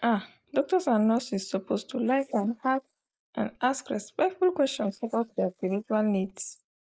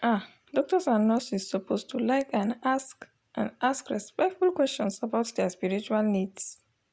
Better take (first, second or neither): second